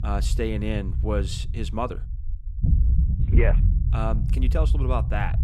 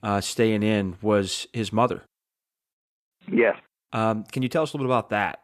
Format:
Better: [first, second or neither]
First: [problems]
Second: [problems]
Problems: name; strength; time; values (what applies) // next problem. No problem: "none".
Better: second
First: low rumble; loud; throughout; 10 dB below the speech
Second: none